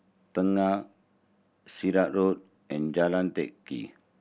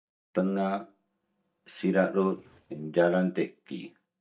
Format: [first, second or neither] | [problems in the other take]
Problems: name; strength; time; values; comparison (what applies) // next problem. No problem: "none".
first | noise reduction (neural mask model DeepFilterNet 3)